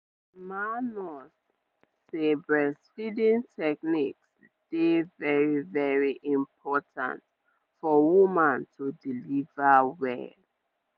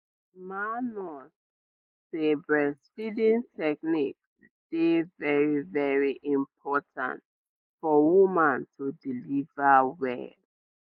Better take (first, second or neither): first